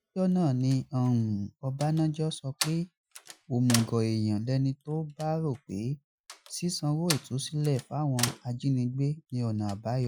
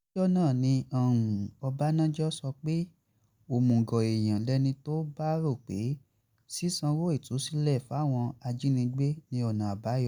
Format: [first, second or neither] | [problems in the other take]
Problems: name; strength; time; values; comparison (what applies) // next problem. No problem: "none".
second | noise reduction (classical method Wiener filter)